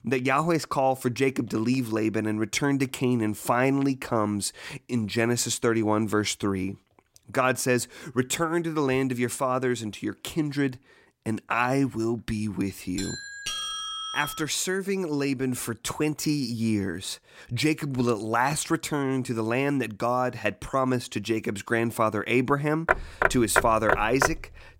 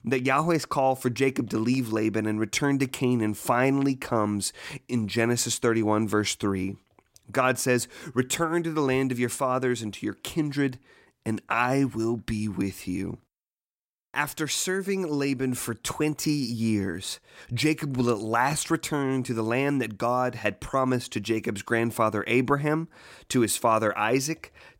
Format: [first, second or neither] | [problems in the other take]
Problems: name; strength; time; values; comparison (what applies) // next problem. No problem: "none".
second | doorbell; noticeable; from 13 to 14 s; peak 3 dB below the speech // door banging; loud; from 23 s on; peak 3 dB above the speech